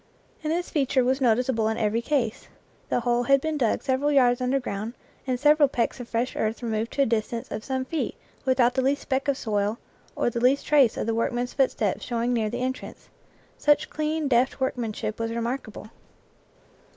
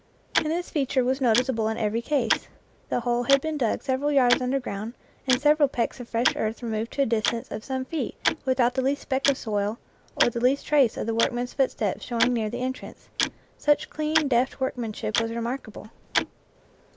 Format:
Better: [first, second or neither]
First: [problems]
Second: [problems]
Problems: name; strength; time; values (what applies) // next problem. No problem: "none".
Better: first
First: none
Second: background sound (Tick-tock); 8 dB below the speech